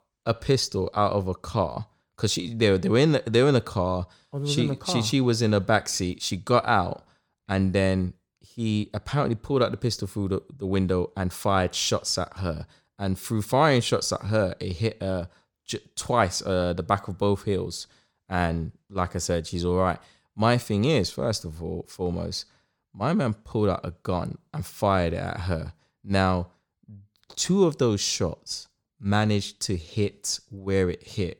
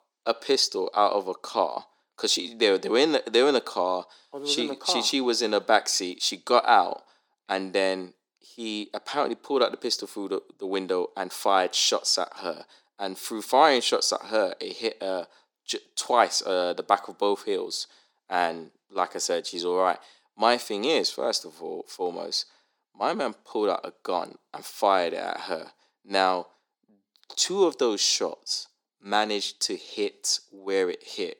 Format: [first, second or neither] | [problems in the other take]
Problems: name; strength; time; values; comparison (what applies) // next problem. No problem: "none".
first | thin; somewhat; fading below 300 Hz